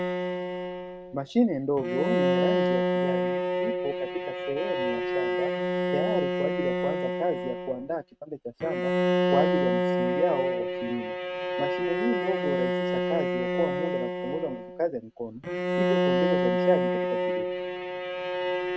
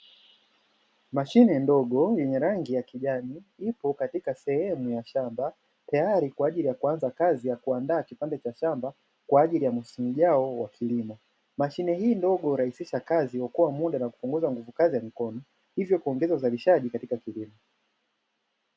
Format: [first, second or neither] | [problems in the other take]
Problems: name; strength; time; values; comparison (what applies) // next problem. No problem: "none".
second | noise reduction (neural mask model RNNoise)